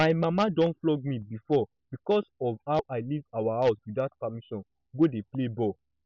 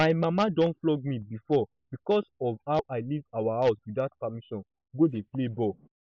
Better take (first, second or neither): first